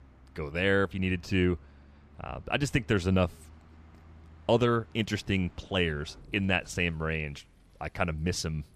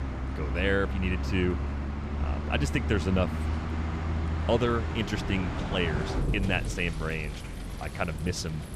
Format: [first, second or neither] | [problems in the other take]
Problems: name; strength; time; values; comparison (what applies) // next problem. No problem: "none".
first | traffic noise; loud; throughout; 2 dB below the speech; faint in the first